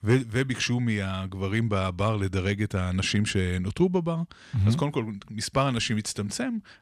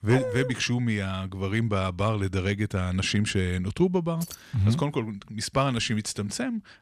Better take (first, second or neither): first